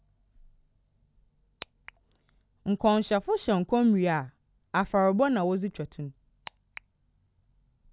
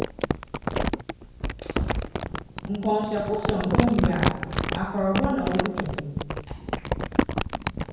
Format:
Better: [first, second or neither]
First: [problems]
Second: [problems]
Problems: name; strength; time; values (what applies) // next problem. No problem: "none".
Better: first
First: none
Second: background sound (Crumpling, crinkling); 1 dB above the speech // room echo; dies away in 1.2 s